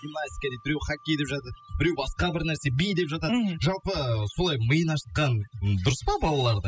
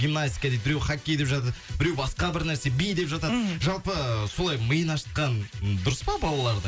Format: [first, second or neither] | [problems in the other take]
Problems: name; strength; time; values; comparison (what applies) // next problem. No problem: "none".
second | noise reduction (classical method spectral subtraction)